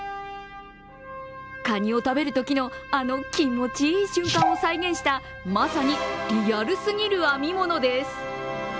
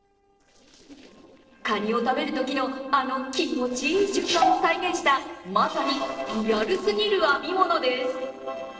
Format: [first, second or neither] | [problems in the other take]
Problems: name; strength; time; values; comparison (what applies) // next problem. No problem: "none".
first | noise reduction (neural separator model SepFormer DNS4)